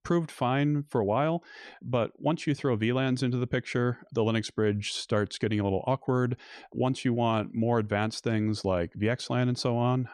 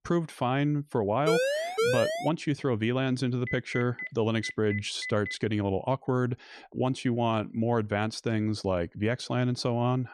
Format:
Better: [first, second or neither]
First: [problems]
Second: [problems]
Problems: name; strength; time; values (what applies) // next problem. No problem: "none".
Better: first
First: none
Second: siren; loud; from 1.5 to 2.5 s; peak 2 dB above the speech // phone ringing; noticeable; from 3.5 to 5.5 s; peak 7 dB below the speech